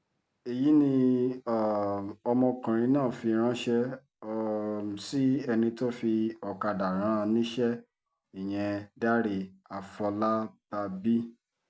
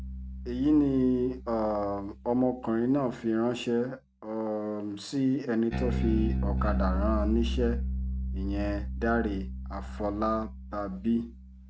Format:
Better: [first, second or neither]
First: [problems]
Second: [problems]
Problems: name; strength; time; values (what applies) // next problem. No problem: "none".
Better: first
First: none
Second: background sound (Bass guitar); 4 dB below the speech